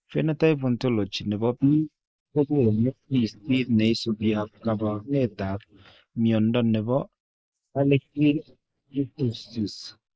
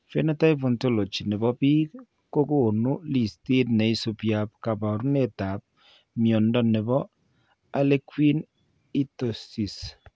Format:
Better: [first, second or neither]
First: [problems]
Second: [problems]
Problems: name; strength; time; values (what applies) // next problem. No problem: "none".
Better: second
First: noise reduction (neural mask model Resemble Enhance denoiser)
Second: none